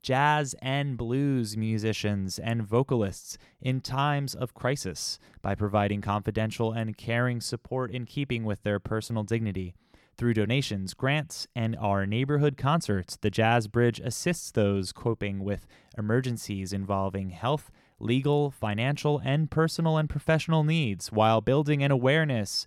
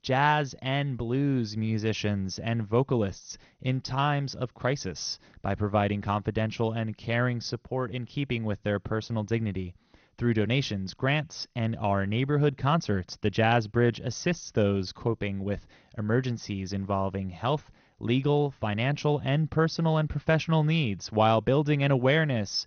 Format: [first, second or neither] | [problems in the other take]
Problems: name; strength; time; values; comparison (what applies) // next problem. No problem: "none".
first | garbled, watery; slightly; nothing above 6 kHz